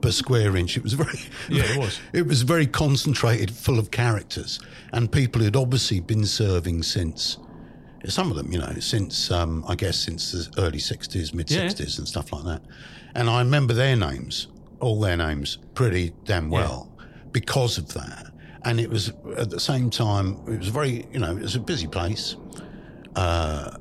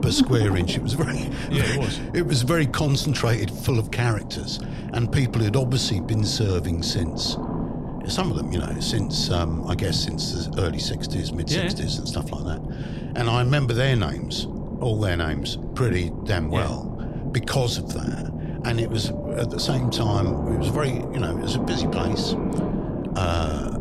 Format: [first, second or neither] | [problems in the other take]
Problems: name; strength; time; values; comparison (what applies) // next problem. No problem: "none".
first | low rumble; loud; throughout; 7 dB below the speech; faint in the first